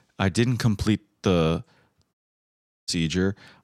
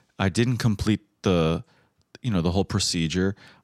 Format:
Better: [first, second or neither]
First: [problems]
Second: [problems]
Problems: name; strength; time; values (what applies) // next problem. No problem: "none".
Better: second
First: audio cutting out; at 2 s for 0.5 s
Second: none